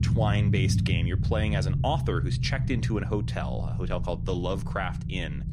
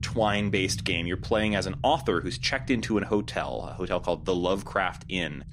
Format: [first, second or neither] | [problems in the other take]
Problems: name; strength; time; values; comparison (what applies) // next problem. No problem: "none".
second | low rumble; loud; throughout; 8 dB below the speech; faint in the second